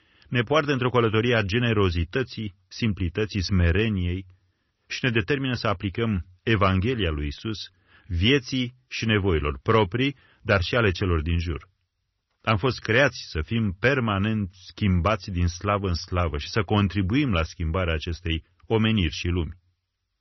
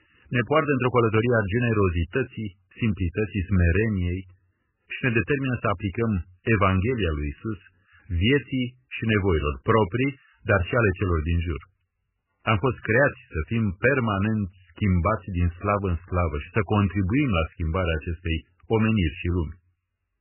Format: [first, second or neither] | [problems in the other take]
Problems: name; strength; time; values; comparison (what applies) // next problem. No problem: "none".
first | garbled, watery; badly; nothing above 3 kHz; slightly in the first